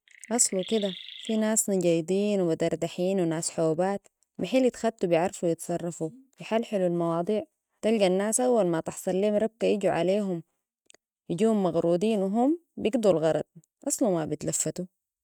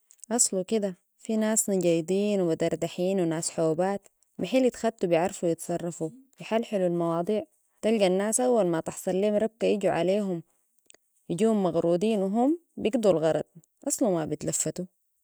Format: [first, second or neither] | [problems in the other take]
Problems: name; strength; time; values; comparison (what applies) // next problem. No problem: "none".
second | noise reduction (neural mask model RNNoise)